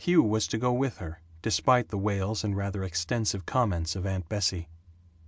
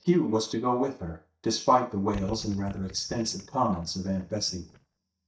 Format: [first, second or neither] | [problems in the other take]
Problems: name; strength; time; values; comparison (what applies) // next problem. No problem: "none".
first | noise reduction (neural mask model DeepFilterNet 3)